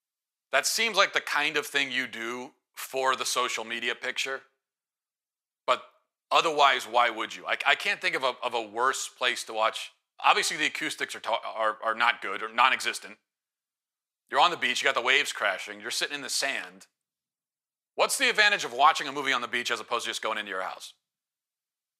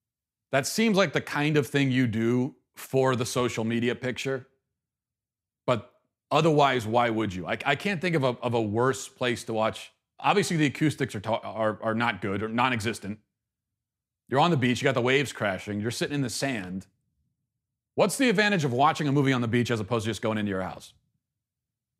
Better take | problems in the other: second | thin; very; fading below 750 Hz

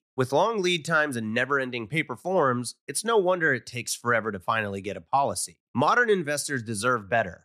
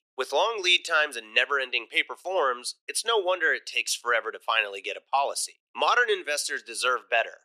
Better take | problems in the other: first | thin; very; fading below 400 Hz

